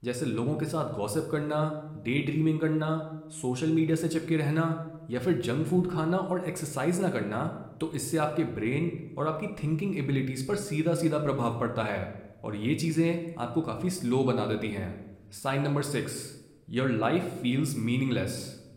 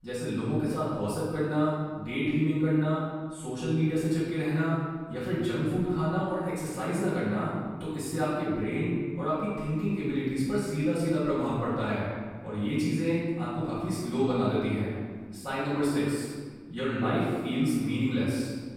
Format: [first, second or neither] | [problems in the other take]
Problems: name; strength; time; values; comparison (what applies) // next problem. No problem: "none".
first | room echo; strong; dies away in 1.5 s; slight in the first // off-mic speech; far